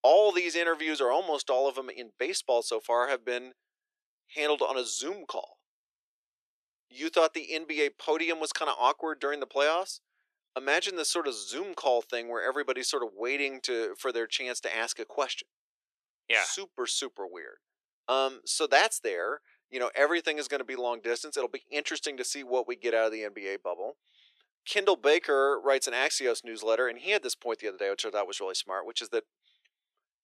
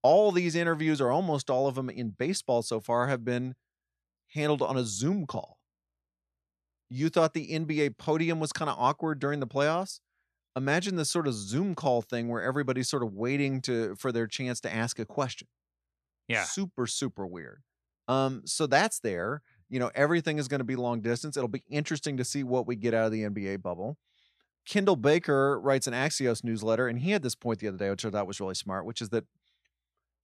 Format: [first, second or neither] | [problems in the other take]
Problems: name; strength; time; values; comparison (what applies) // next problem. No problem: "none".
second | thin; very; fading below 350 Hz